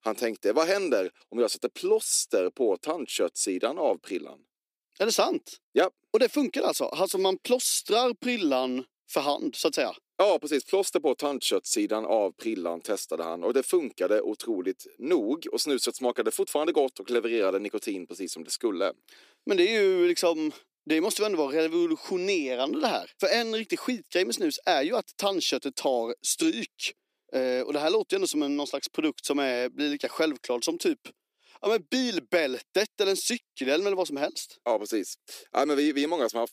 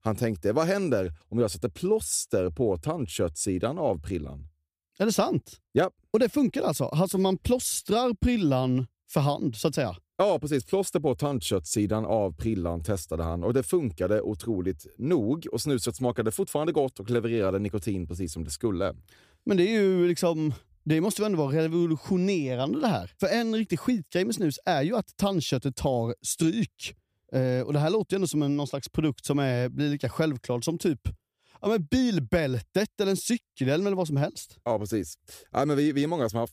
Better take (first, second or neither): second